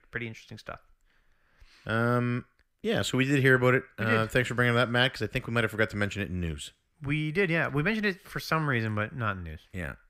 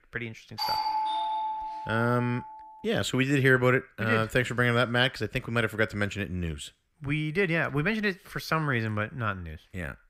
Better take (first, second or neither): first